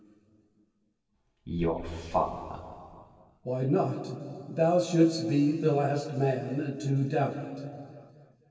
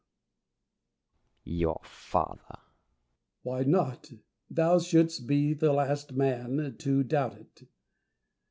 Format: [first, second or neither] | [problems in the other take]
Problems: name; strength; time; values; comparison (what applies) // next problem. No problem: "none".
second | room echo; dies away in 2.5 s